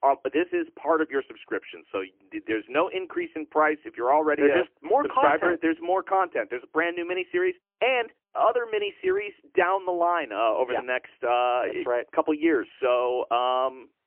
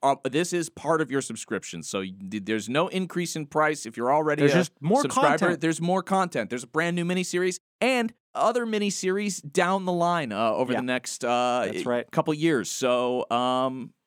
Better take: second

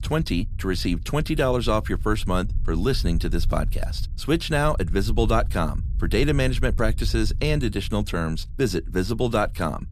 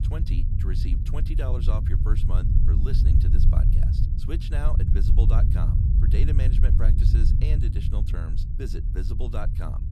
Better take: first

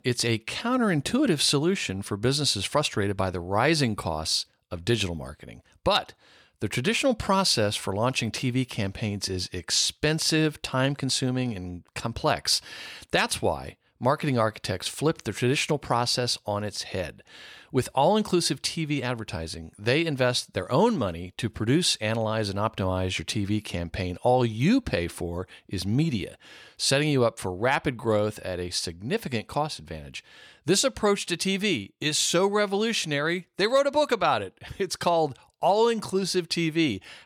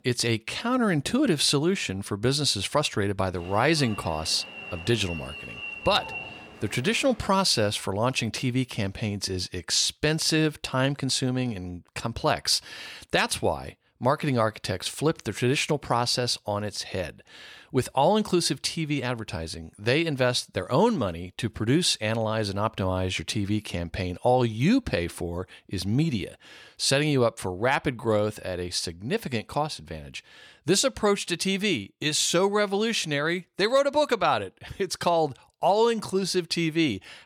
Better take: first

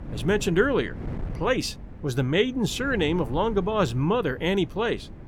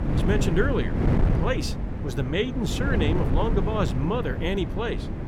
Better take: first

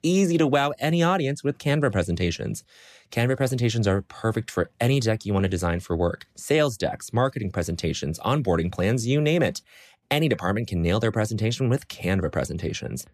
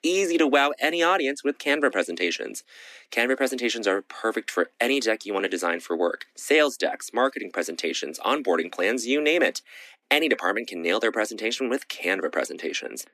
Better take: first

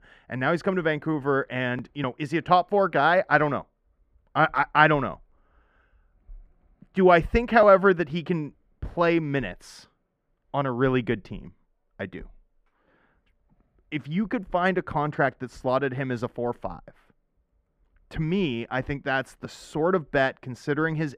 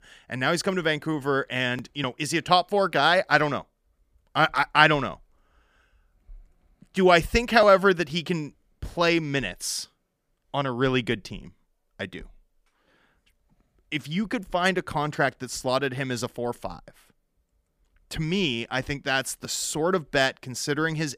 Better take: second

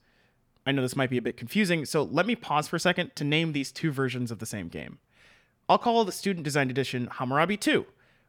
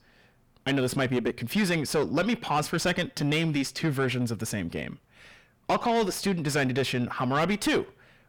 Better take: first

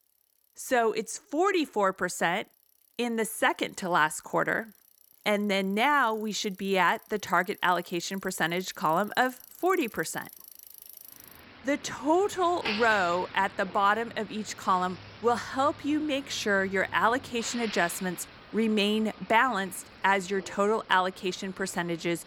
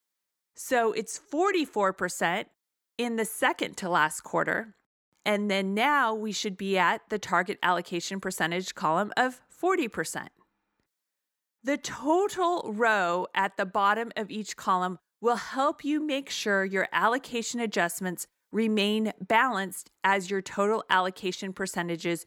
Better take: second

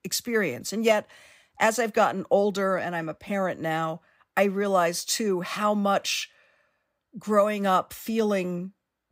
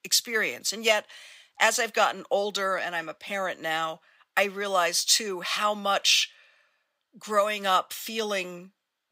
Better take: first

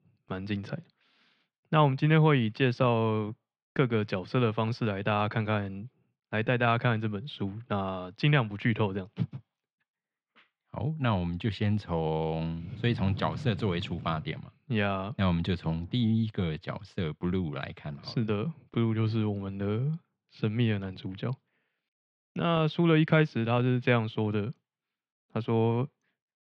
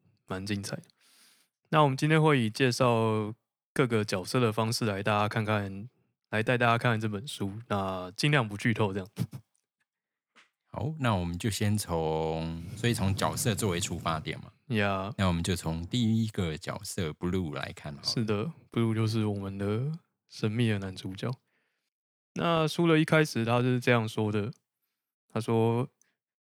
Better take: second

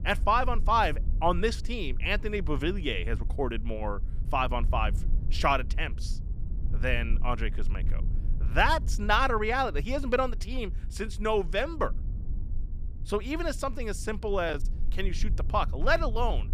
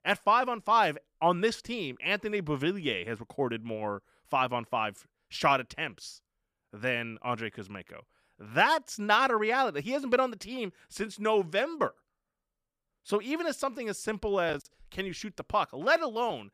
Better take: second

